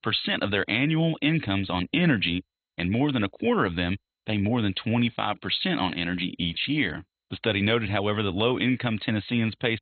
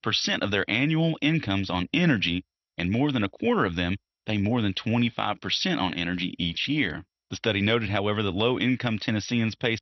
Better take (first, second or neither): second